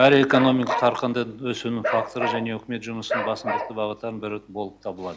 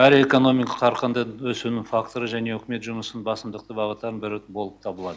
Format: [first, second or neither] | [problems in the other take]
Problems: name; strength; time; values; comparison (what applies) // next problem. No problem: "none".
second | background sound (Bark); 6 dB below the speech